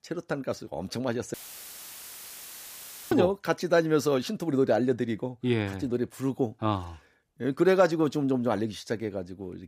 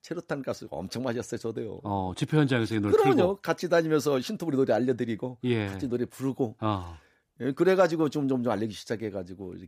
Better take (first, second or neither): second